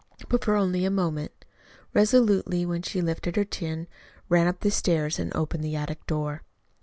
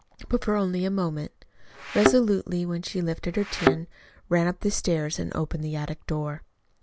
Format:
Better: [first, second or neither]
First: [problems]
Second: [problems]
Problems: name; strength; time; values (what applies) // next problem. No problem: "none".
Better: first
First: none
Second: background sound (Thump, thud); as loud as the speech